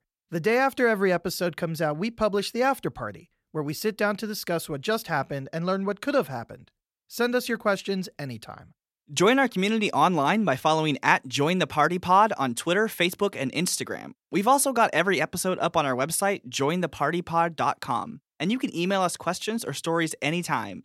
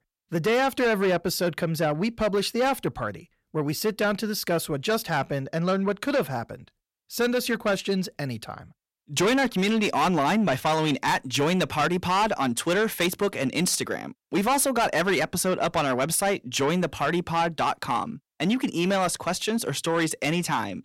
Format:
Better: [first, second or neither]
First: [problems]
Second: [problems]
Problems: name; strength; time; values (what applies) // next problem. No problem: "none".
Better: first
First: none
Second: distortion; heavy; 8 dB below the speech